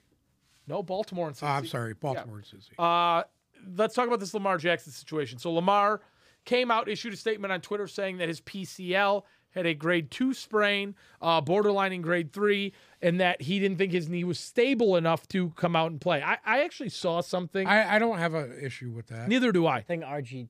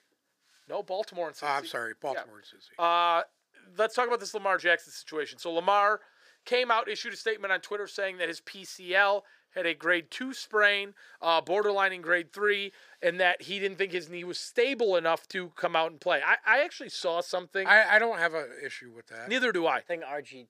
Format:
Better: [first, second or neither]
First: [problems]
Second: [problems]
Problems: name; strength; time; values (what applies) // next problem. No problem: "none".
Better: first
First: none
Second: thin; somewhat; fading below 450 Hz